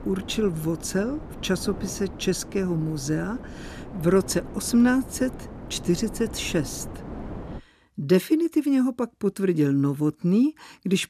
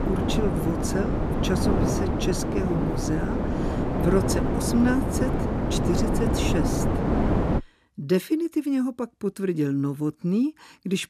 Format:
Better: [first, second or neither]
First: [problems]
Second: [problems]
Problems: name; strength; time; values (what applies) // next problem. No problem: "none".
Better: first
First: wind noise on the microphone; occasional gusts; until 7.5 s; 15 dB below the speech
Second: wind noise on the microphone; heavy; until 7.5 s; 1 dB above the speech